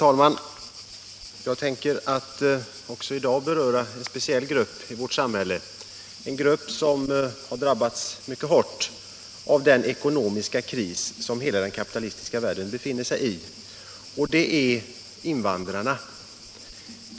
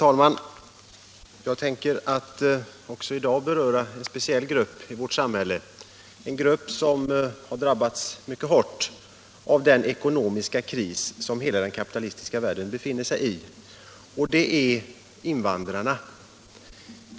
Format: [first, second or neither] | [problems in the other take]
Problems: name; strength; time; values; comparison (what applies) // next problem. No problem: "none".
second | background sound (Cricket); 18 dB below the speech